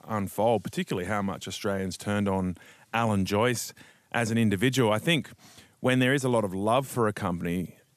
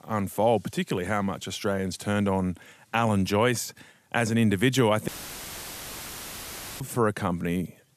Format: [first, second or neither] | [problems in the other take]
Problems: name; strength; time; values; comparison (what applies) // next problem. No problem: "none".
first | audio cutting out; filled with static; at 5 s for 1.5 s